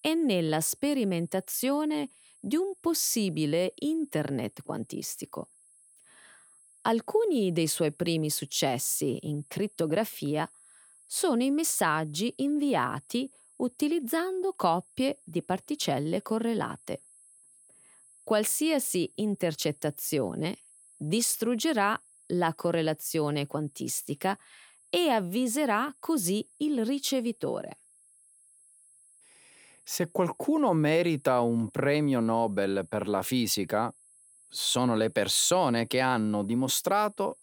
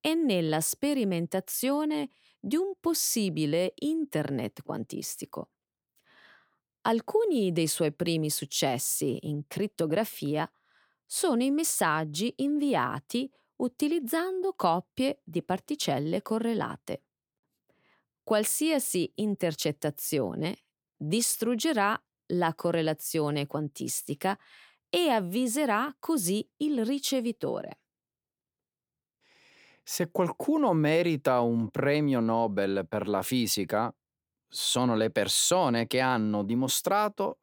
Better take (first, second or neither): second